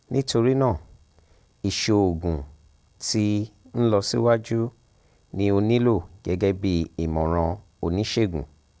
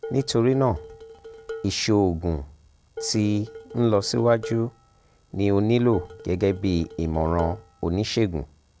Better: first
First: none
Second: background sound (Dishes, pots, and pans); 17 dB below the speech

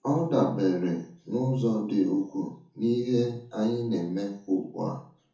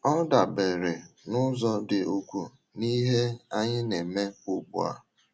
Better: second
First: room echo; dies away in 0.7 s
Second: none

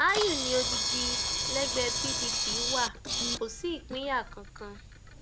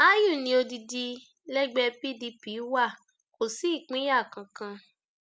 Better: second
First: background sound (Camera); 1 dB above the speech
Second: none

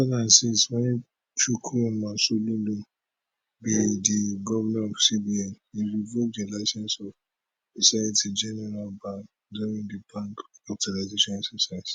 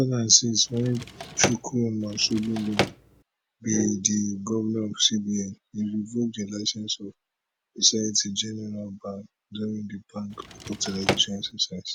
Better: first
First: none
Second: background sound (Drawer open or close); 5 dB below the speech

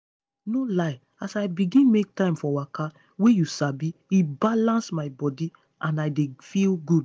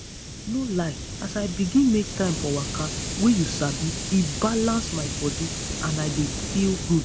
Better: first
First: none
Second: background sound (Hiss); 6 dB below the speech

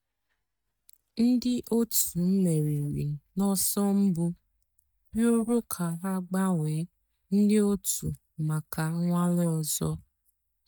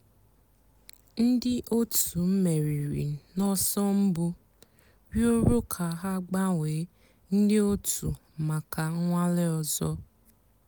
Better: second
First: noise reduction (neural mask model DeepFilterNet 3)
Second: none

